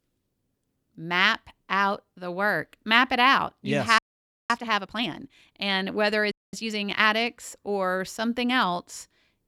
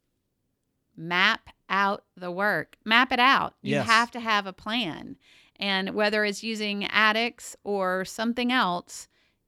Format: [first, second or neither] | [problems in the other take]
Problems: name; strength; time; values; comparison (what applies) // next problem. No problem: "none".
second | audio freezing; at 4 s for 0.5 s and at 6.5 s